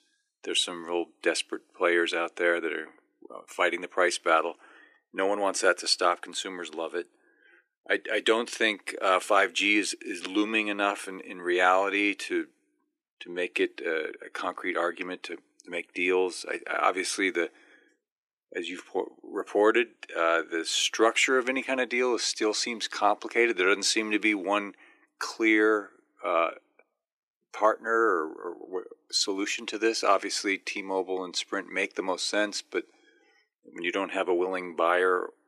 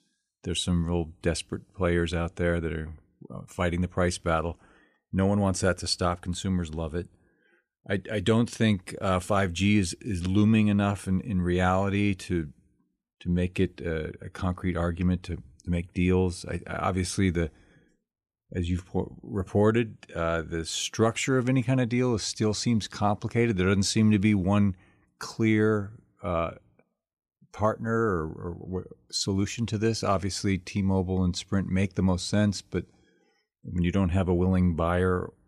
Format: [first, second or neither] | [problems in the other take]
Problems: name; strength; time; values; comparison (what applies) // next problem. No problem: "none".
second | thin; very; fading below 300 Hz